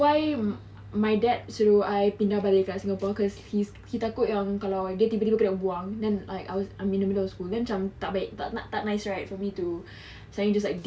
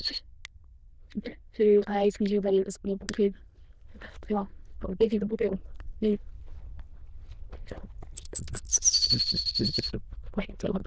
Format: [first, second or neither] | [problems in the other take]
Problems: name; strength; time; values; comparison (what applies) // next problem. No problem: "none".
first | noise reduction (neural diffusion model UNIVERSE++)